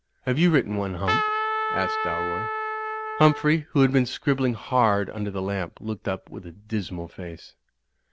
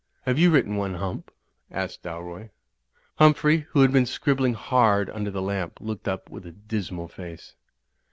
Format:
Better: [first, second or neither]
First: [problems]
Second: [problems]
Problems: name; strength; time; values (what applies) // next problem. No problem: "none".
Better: second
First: background sound (Trumpet); 3 dB below the speech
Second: none